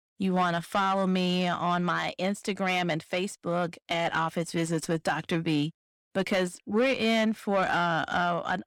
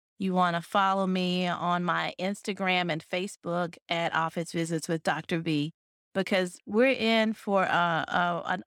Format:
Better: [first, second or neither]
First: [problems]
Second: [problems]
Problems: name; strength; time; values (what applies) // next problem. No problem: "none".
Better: second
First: distortion; slight; 10 dB below the speech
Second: none